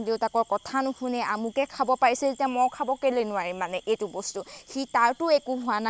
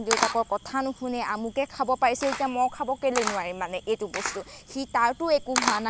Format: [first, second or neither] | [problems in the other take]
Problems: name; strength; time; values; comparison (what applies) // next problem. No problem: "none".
first | background sound (Camera); 6 dB below the speech